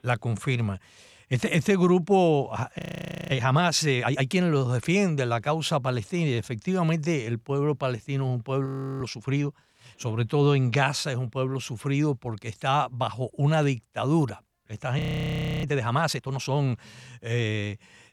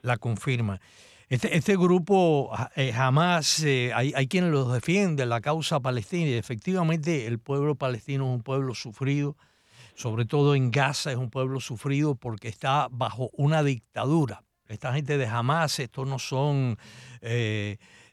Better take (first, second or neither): second